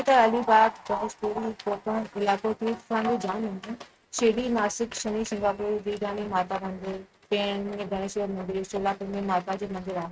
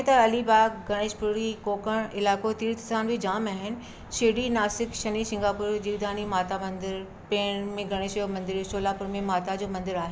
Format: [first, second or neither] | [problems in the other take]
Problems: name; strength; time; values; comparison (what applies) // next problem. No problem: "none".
second | noise reduction (neural mask model RNNoise)